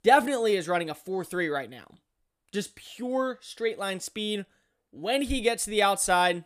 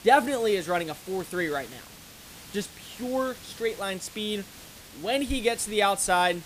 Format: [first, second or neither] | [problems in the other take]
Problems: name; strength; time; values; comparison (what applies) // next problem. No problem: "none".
first | hiss; noticeable; throughout; 15 dB below the speech